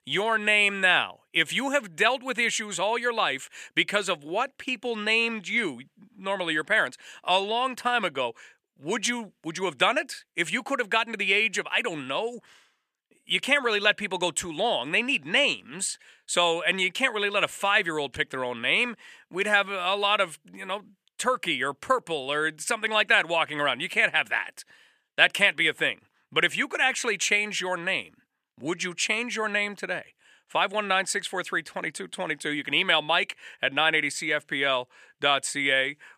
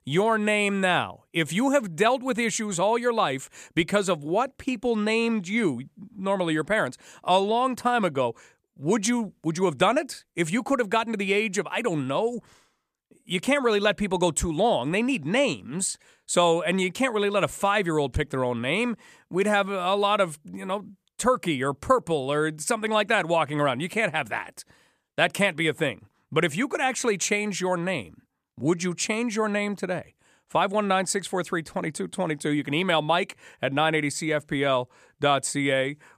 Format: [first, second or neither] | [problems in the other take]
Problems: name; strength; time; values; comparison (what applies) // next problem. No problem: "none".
second | thin; somewhat; fading below 850 Hz